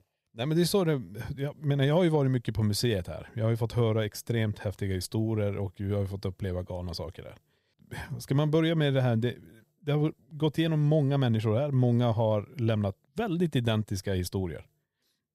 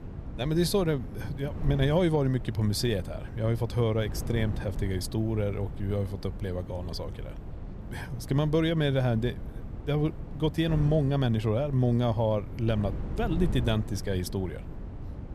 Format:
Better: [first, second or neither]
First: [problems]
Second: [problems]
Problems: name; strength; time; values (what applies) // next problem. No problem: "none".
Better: first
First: none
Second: wind noise on the microphone; occasional gusts; 15 dB below the speech